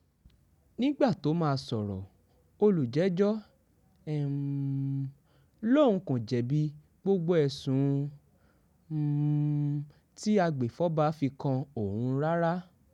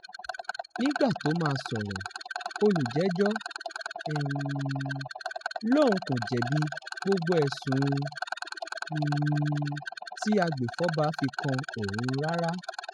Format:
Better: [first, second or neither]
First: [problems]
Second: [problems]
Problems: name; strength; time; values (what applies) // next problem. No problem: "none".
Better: first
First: none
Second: noise reduction (classical method spectral subtraction)